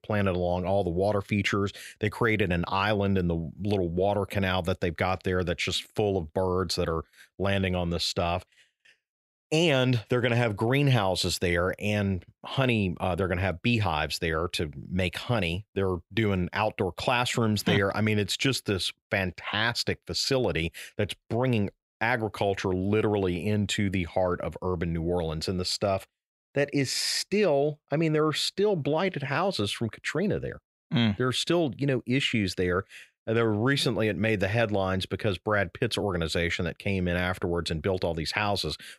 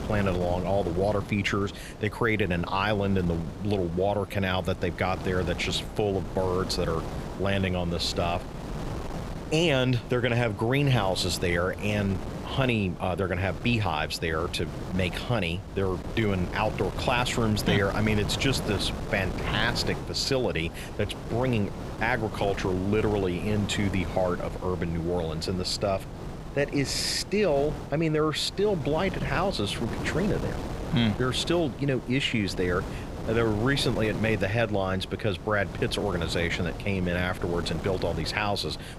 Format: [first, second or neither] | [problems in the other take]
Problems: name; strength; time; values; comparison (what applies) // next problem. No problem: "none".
first | wind noise on the microphone; occasional gusts; 10 dB below the speech